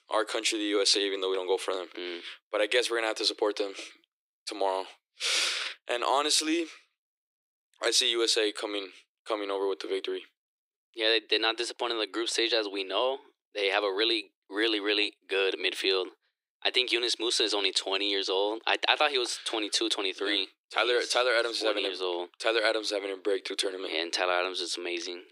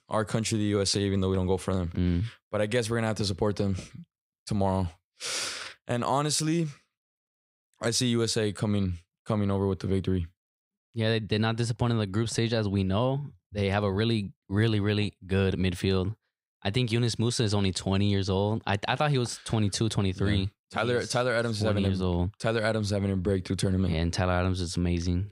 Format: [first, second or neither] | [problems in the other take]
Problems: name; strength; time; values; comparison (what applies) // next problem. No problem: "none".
second | thin; very; fading below 300 Hz